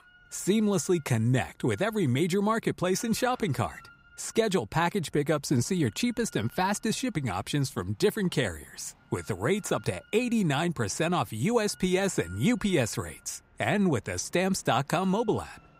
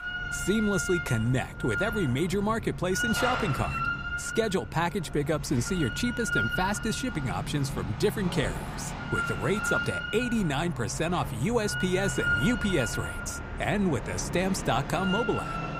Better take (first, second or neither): first